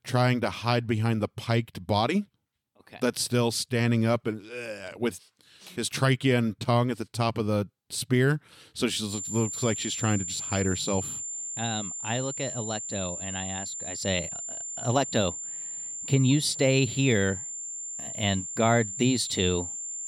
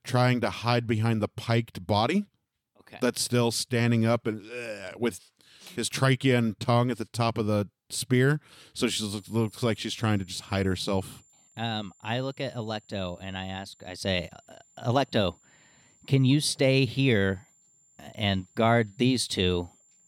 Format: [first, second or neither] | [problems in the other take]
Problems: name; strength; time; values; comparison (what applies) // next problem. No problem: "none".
second | high-pitched whine; loud; from 9 s on; 7 kHz, 6 dB below the speech; faint in the second